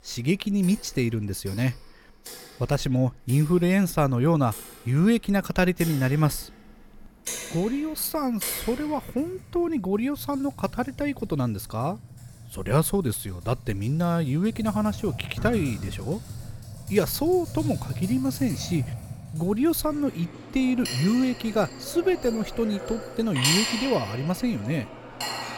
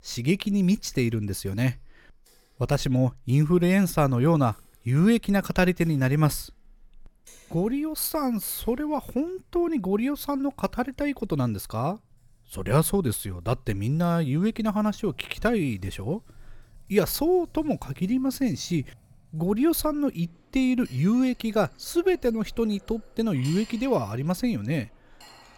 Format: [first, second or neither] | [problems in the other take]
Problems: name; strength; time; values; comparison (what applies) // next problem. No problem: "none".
second | household noises; loud; throughout; 9 dB below the speech; faint in the second